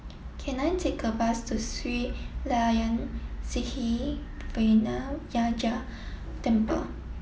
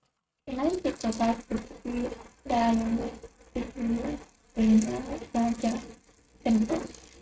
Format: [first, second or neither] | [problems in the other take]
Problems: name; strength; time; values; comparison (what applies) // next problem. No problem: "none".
first | noise reduction (neural mask model RNNoise)